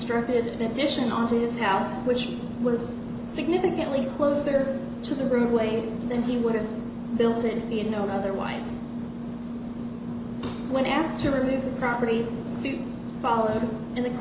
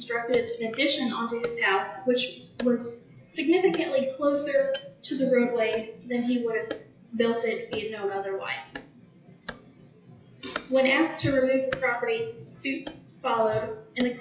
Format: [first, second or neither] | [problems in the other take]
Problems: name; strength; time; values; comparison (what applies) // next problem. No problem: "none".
first | noise reduction (classical method WPE with log-MMSE)